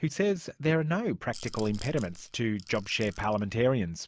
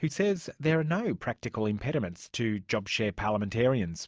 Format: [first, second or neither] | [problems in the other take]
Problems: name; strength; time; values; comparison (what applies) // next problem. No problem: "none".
second | background sound (Rattle / Rattle (instrument)); 16 dB below the speech